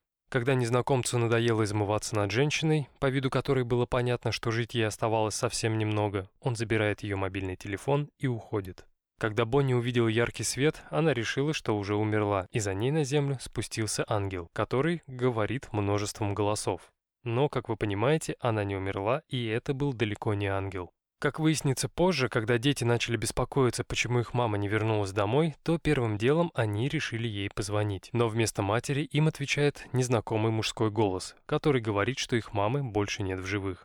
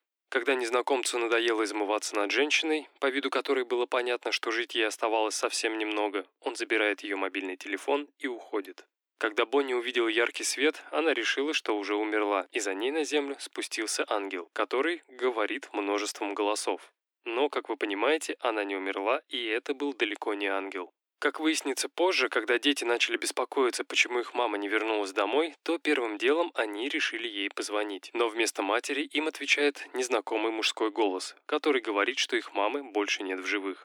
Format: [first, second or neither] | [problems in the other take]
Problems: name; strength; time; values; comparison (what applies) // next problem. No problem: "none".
first | thin; somewhat; fading below 300 Hz